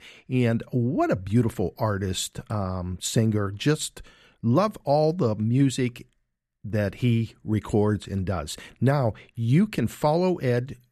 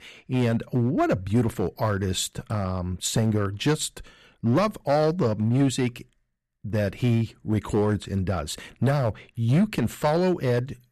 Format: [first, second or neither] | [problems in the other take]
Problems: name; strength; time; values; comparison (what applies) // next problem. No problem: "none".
first | distortion; slight; 5% of the sound clipped